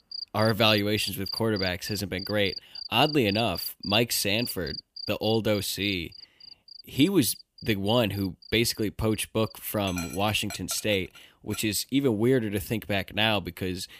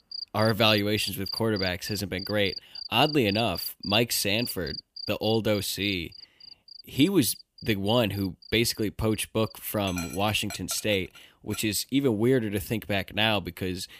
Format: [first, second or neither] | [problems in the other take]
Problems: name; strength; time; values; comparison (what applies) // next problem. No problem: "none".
neither | animal sounds; noticeable; throughout; 10 dB below the speech; the same in both